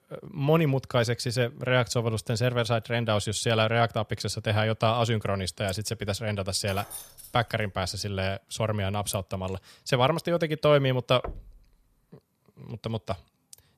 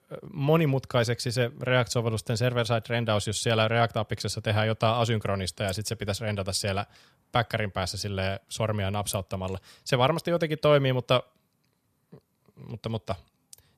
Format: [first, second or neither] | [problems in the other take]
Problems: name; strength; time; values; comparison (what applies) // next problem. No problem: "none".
second | jangling keys; faint; at 6.5 s; peak 10 dB below the speech // door banging; faint; at 11 s; peak 15 dB below the speech